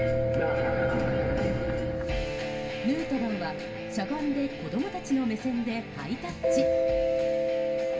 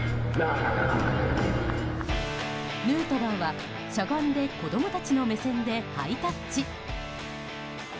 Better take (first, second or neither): second